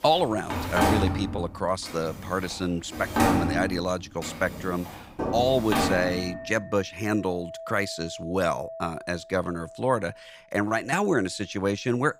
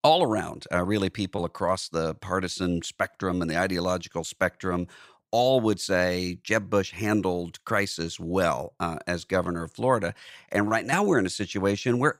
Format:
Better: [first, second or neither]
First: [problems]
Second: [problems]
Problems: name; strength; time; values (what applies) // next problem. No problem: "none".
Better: second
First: household noises; loud; throughout; 3 dB below the speech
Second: none